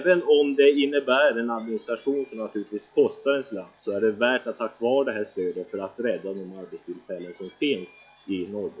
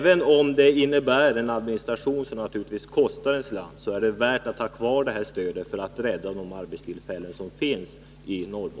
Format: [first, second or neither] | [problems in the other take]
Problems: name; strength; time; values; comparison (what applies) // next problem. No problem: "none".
second | noise reduction (classical method log-MMSE)